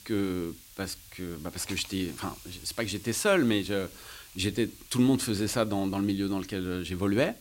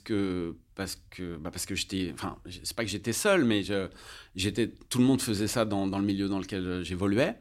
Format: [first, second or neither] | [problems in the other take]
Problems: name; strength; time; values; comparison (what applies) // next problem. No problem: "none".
second | hiss; noticeable; throughout; 20 dB below the speech